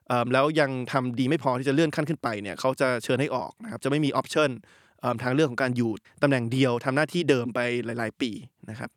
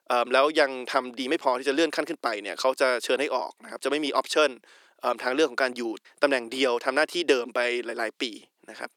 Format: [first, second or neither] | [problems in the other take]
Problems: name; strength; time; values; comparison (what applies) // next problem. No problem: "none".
first | thin; somewhat; fading below 350 Hz